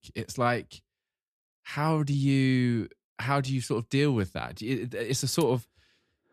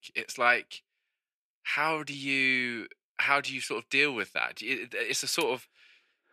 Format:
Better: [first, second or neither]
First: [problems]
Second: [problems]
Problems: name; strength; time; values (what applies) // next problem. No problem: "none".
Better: first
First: none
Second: thin; very; fading below 450 Hz